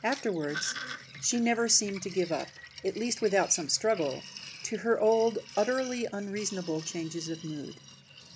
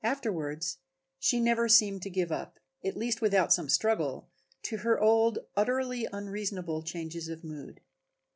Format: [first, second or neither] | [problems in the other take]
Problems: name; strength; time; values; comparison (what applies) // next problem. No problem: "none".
second | background sound (Sink (filling or washing)); 14 dB below the speech